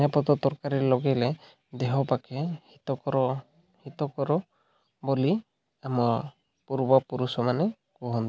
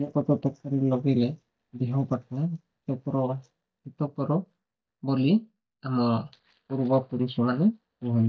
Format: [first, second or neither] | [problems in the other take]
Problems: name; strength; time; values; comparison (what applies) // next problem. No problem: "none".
first | noise reduction (neural mask model DeepFilterNet 3)